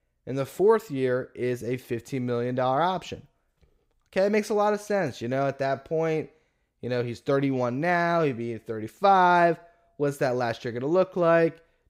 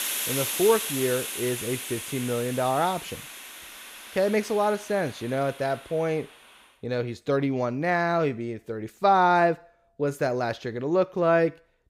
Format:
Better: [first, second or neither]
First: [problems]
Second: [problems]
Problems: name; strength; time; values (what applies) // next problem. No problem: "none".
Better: first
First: none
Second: hiss; loud; until 6.5 s; 6 dB below the speech